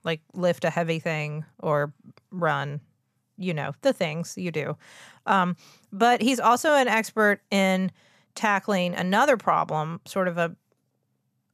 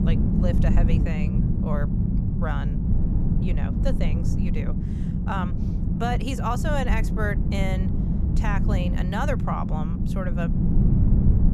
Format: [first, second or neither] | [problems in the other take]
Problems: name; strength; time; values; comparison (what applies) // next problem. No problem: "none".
first | low rumble; loud; throughout; 3 dB below the speech